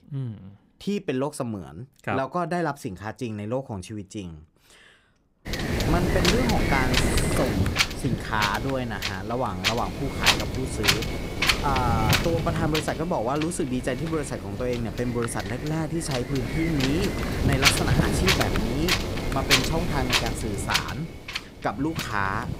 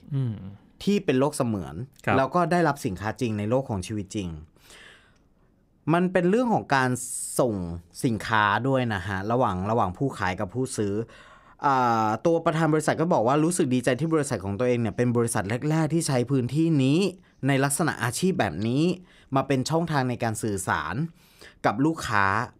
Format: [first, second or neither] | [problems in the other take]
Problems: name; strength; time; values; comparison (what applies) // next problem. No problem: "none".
second | wind noise on the microphone; heavy; from 5.5 s on; 4 dB above the speech